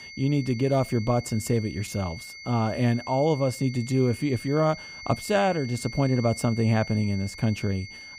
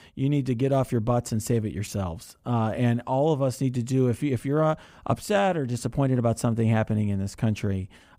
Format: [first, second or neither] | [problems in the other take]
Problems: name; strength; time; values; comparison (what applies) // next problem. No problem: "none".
second | high-pitched whine; noticeable; throughout; 2 kHz, 15 dB below the speech